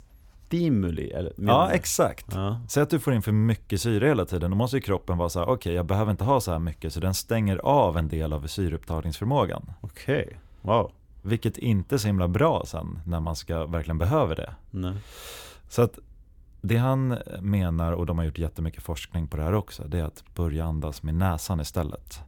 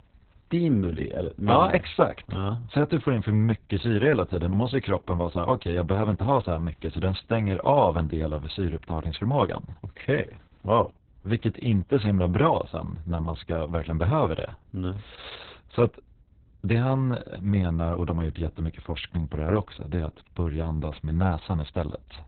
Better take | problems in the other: first | garbled, watery; badly; nothing above 4 kHz

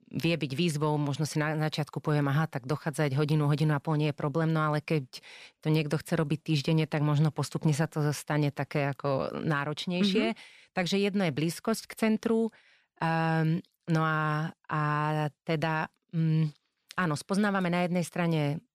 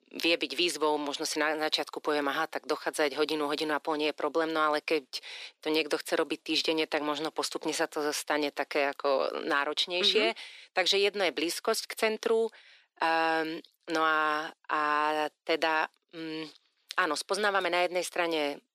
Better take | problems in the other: first | thin; very; fading below 350 Hz

